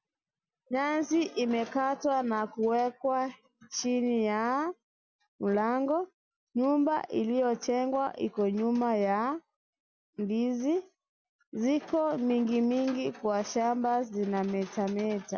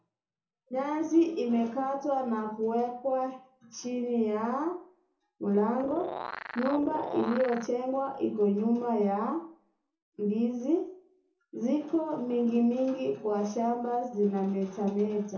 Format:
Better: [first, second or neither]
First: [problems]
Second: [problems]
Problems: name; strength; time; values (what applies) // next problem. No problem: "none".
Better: first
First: none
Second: background sound (Animal); 9 dB below the speech // room echo; dies away in 0.6 s